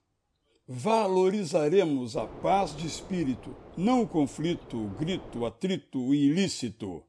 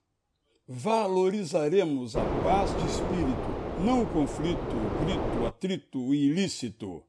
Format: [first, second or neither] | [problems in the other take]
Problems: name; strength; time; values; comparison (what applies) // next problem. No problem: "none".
first | wind noise on the microphone; heavy; from 2 to 5.5 s; 3 dB below the speech; occasional gusts in the first